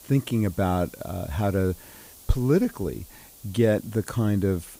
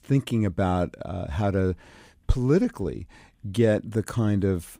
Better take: second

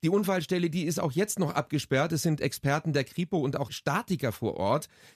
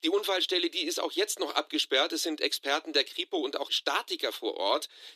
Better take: first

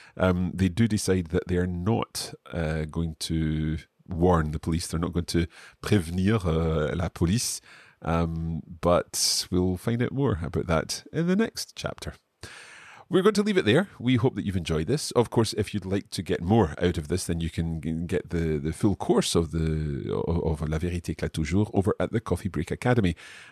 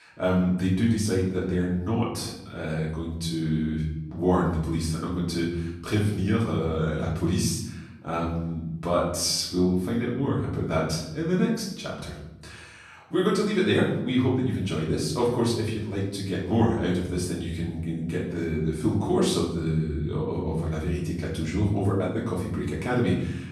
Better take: first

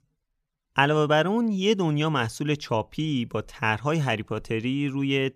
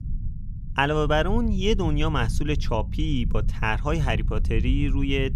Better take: first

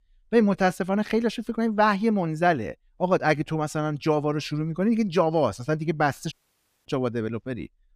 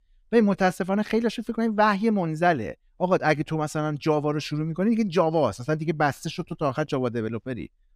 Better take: second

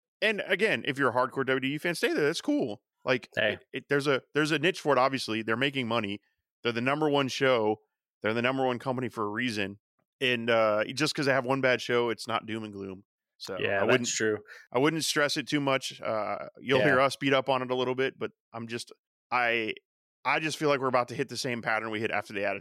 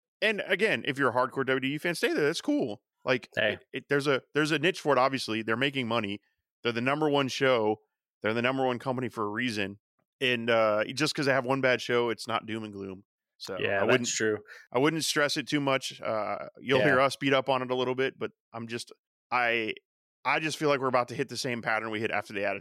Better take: neither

